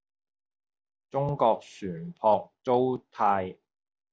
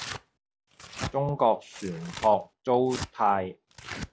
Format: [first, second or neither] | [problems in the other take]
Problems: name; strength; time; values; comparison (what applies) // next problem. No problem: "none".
first | background sound (Tearing); 13 dB below the speech